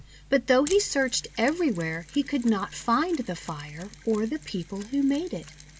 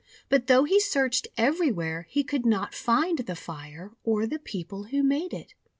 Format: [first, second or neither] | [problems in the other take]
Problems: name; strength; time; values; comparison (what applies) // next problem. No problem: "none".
second | background sound (Mechanisms); 19 dB below the speech